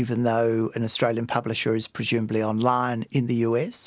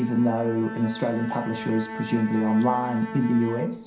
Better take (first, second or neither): first